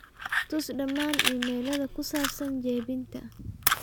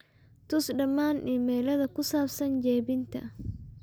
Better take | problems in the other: second | background sound (Fire); 1 dB below the speech

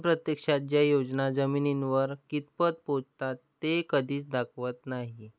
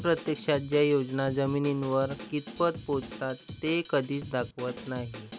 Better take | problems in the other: first | background sound (Drum kit); 15 dB below the speech

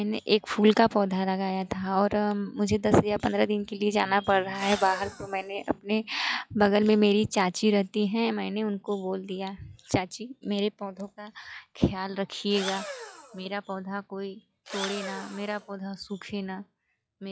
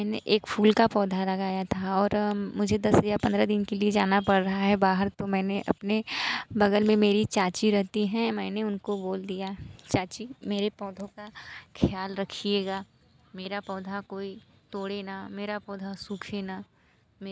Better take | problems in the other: second | noise reduction (classical method log-MMSE)

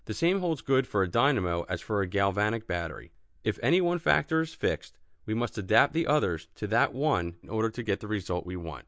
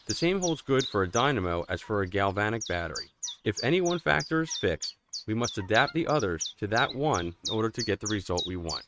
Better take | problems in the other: first | noise reduction (neural mask model RNNoise)

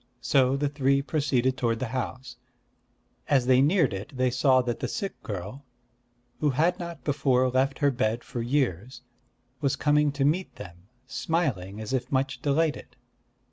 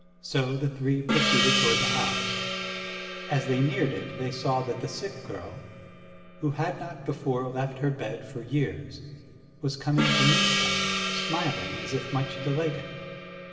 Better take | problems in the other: first | background sound (Gong); 1 dB below the speech // room echo; dies away in 2.7 s

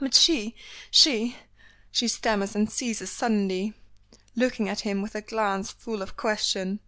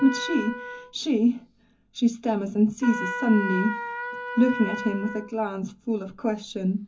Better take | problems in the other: first | background sound (Trumpet); 10 dB below the speech // room echo; dies away in 0.3 s

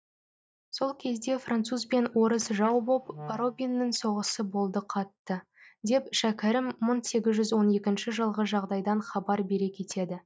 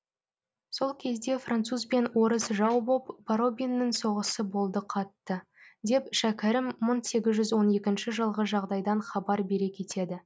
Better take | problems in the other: second | noise reduction (neural mask model DeepFilterNet 3)

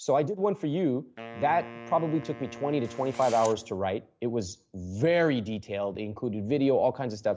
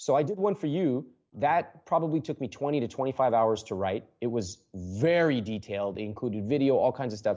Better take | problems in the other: second | background sound (Wind instrument, woodwind instrument + Camera); 16 dB below the speech

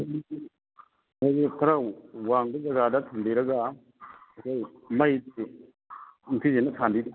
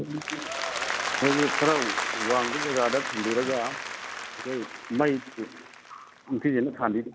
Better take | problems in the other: first | background sound (Applause); 4 dB below the speech

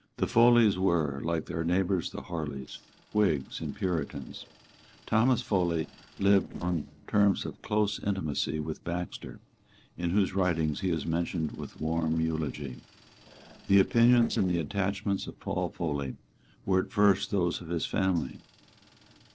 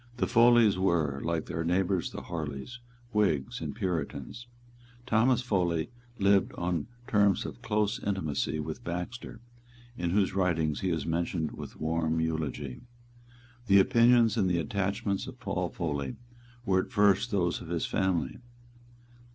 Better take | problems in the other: second | noise reduction (neural separator model SepFormer DNS4)

